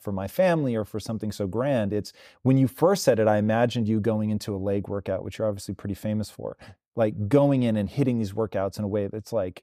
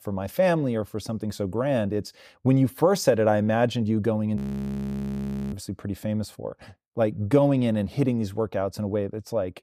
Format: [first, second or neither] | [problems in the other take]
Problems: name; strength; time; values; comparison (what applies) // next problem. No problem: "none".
first | audio freezing; at 4.5 s for 1 s